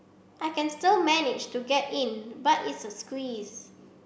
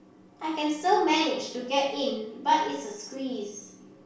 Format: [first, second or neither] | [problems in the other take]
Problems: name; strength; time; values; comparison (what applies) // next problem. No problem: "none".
first | room echo; dies away in 0.3 s